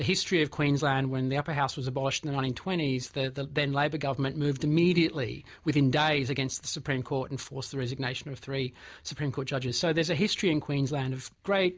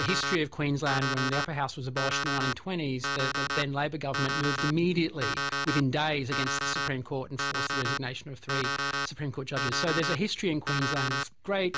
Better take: first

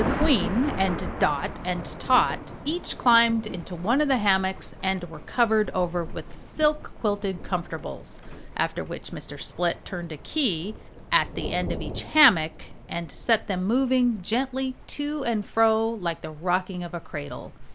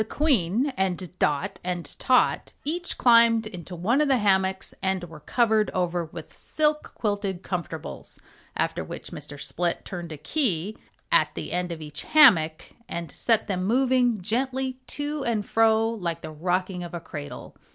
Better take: second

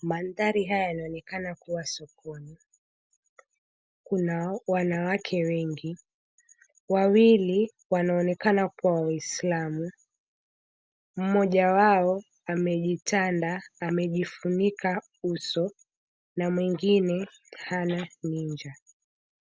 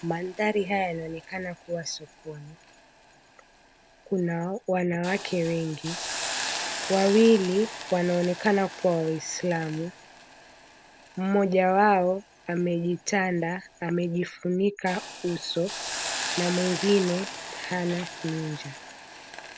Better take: first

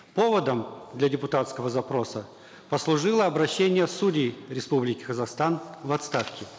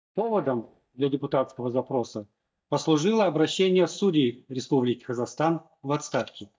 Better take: first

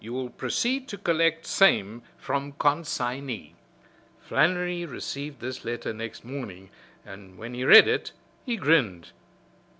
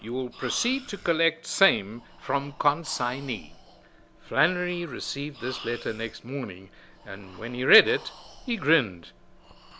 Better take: first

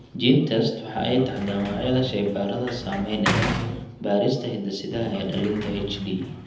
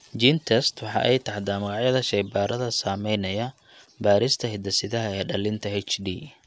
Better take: second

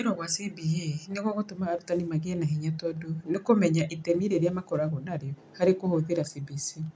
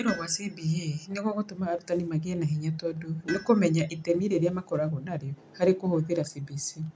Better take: first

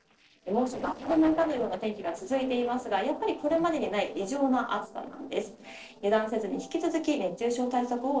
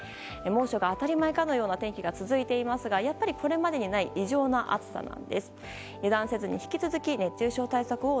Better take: second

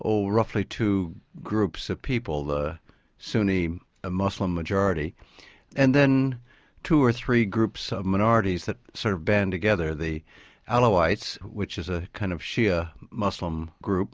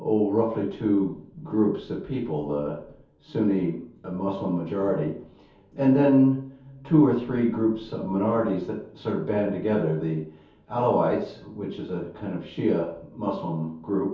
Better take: first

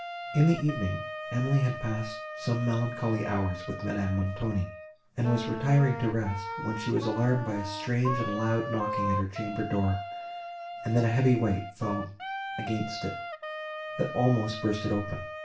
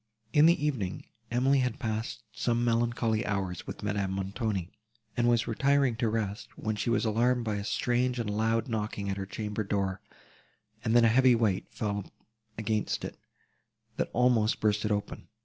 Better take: second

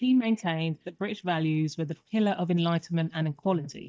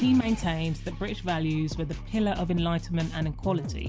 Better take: second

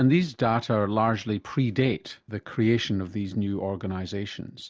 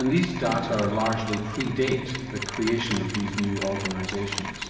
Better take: first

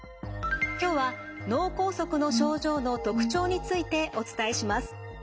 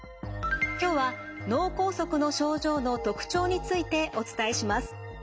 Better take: second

